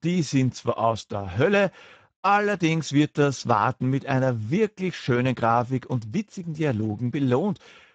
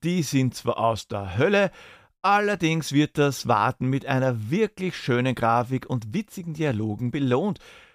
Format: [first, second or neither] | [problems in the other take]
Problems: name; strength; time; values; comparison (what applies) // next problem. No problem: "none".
second | garbled, watery; badly; nothing above 7.5 kHz